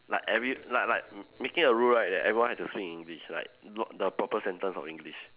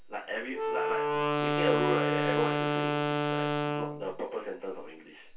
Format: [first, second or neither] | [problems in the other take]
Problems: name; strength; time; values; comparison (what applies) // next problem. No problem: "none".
first | background sound (Wind instrument, woodwind instrument); 4 dB above the speech // room echo; dies away in 0.2 s